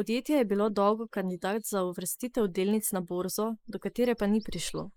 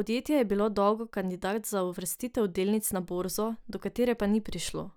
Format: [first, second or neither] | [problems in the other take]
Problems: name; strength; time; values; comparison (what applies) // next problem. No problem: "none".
second | noise reduction (neural mask model Resemble Enhance denoiser)